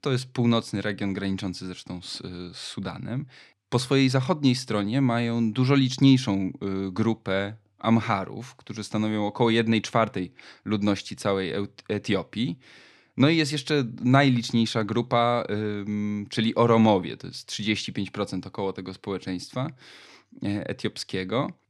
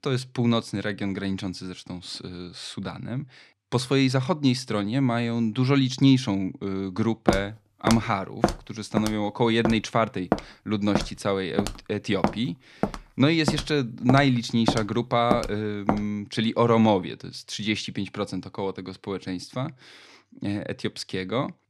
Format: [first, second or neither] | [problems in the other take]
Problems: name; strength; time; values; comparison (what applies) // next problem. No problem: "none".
first | footsteps; noticeable; from 7.5 to 16 s; peak level with the speech